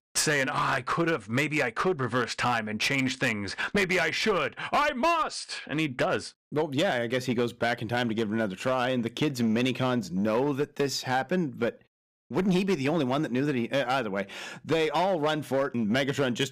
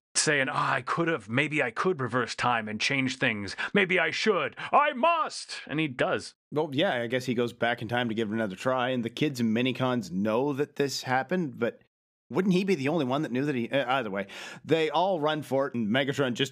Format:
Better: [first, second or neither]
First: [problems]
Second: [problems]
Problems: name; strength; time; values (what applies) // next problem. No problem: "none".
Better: second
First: distortion; slight; 9% of the sound clipped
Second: none